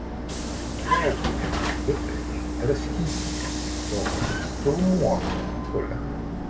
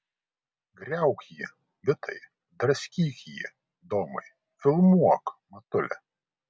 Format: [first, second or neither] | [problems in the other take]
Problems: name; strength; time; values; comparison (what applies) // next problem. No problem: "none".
second | background sound (Vehicle); 2 dB above the speech // room echo; dies away in 1.5 s